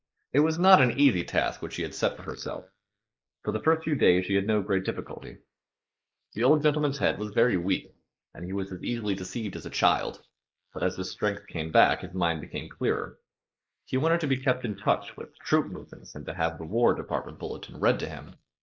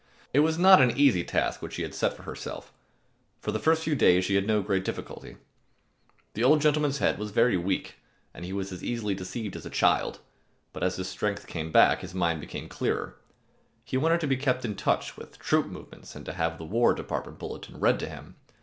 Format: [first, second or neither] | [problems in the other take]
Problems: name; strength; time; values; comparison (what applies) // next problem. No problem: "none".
second | noise reduction (neural mask model Resemble Enhance denoiser)